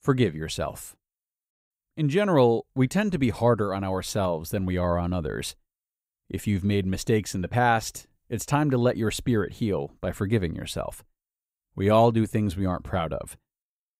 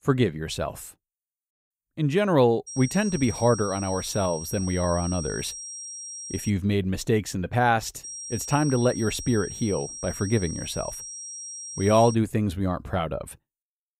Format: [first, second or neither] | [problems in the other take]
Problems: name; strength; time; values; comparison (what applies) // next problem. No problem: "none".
first | high-pitched whine; loud; from 2.5 to 6.5 s and from 8 to 12 s; 5.5 kHz, 10 dB below the speech